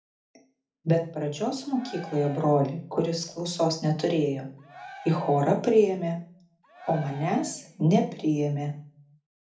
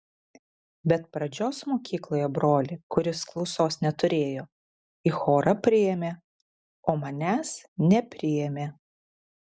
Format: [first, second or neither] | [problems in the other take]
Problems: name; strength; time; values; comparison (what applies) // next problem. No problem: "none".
second | background sound (Cheering); 19 dB below the speech // room echo; dies away in 0.4 s